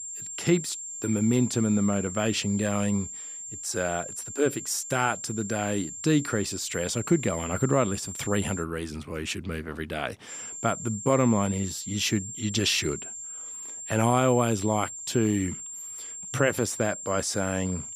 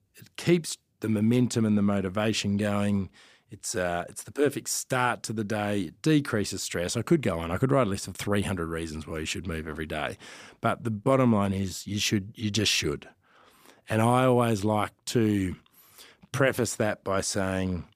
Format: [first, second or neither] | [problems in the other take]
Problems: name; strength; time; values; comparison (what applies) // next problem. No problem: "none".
second | high-pitched whine; loud; until 8.5 s and from 10 s on; 7.5 kHz, 8 dB below the speech